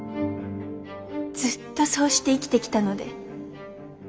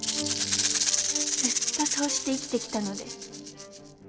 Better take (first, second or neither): first